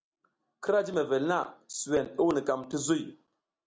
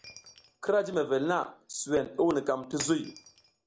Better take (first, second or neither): first